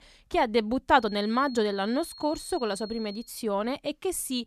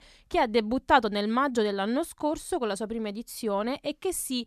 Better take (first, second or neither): second